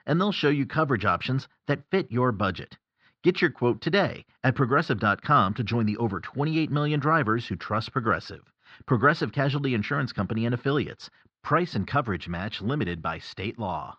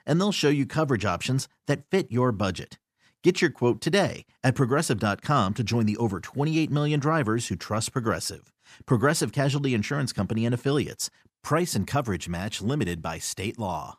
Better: second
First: muffled; slightly; fading above 4.5 kHz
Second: none

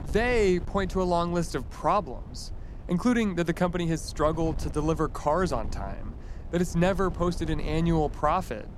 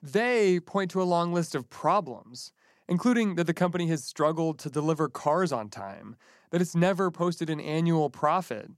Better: second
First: wind noise on the microphone; occasional gusts; 20 dB below the speech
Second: none

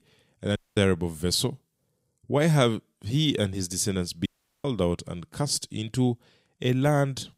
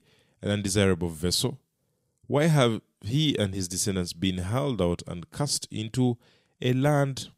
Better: second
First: audio cutting out; at 0.5 s and at 4.5 s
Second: none

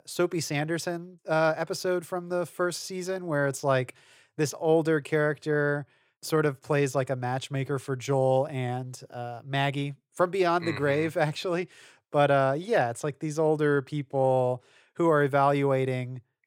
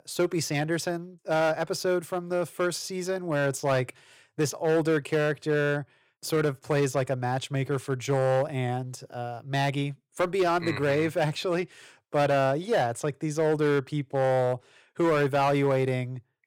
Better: first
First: none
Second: distortion; slight; 6% of the sound clipped

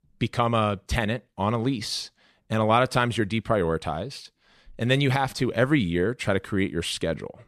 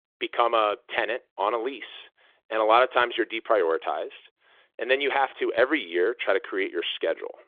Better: first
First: none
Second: phone-call audio; nothing above 3.5 kHz

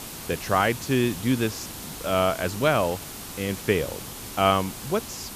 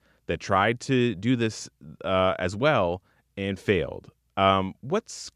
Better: second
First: hiss; noticeable; throughout; 10 dB below the speech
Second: none

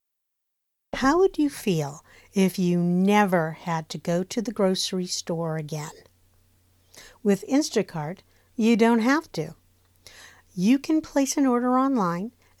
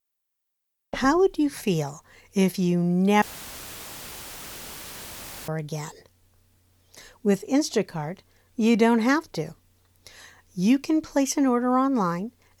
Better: first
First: none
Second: audio cutting out; filled with static; at 3 s for 2.5 s

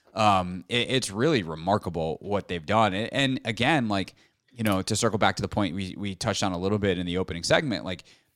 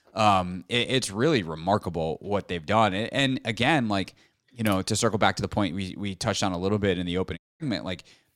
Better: first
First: none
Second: audio cutting out; at 7.5 s

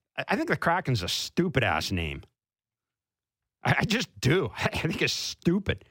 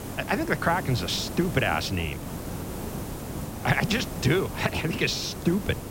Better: first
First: none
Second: hiss; loud; throughout; 9 dB below the speech

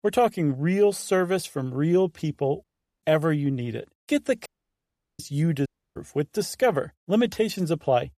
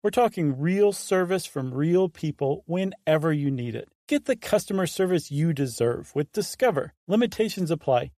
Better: second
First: audio cutting out; at 2.5 s, at 4.5 s for 0.5 s and at 5.5 s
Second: none

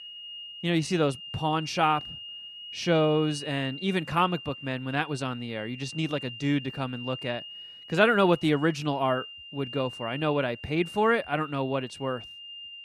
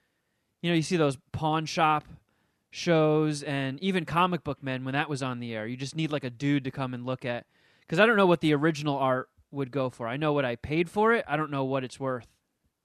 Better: second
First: high-pitched whine; noticeable; throughout; 3 kHz, 15 dB below the speech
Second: none

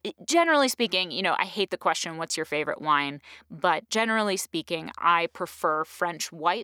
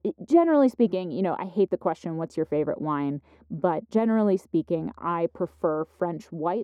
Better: first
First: none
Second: muffled; very; fading above 1 kHz

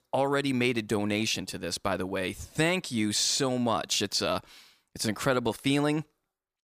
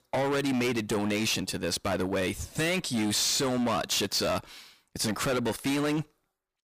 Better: first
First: none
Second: distortion; heavy; 21% of the sound clipped

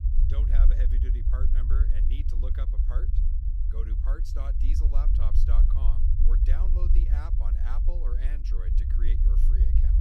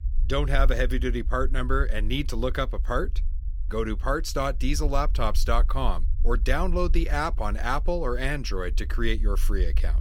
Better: second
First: low rumble; loud; throughout; 1 dB below the speech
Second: low rumble; faint; throughout; 25 dB below the speech

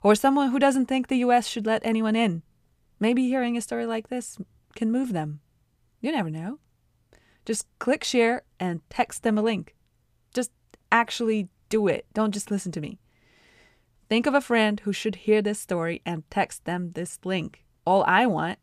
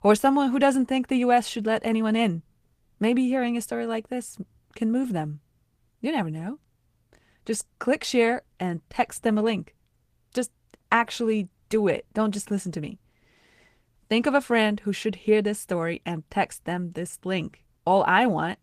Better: first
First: none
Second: garbled, watery; slightly

